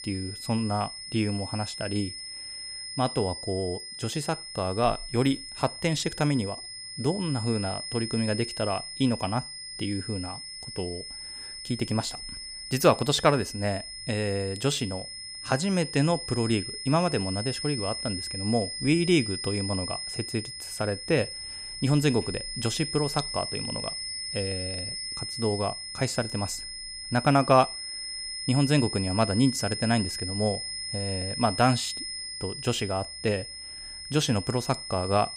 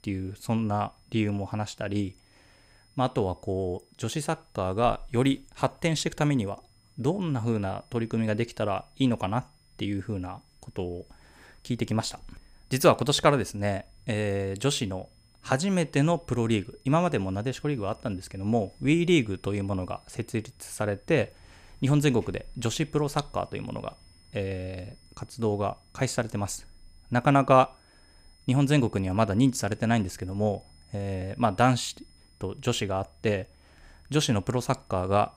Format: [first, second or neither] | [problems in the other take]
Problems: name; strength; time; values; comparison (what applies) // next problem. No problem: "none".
second | high-pitched whine; loud; throughout; 5 kHz, 6 dB below the speech; faint in the second